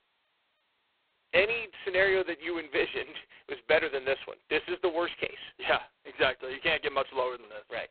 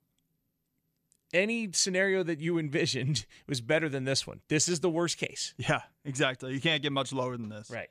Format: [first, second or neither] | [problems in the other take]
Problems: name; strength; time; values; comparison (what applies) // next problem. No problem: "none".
second | phone-call audio; poor line; nothing above 4 kHz